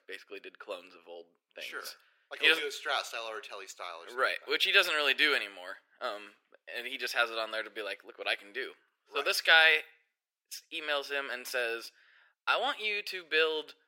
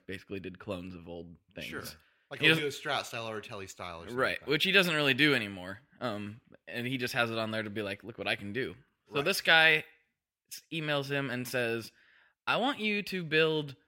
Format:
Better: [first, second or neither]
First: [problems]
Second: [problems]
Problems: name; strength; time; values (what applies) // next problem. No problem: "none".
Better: second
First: thin; very; fading below 400 Hz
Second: none